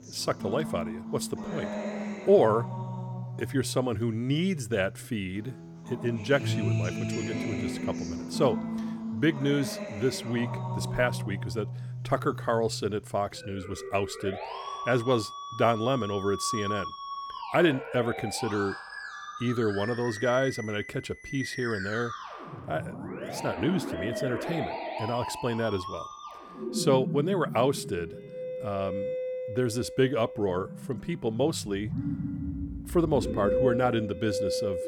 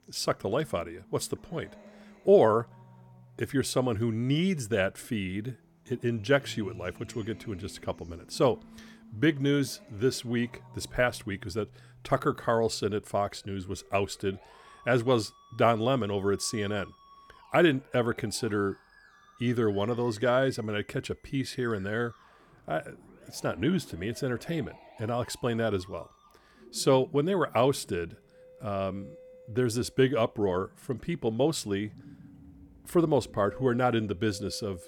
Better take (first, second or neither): second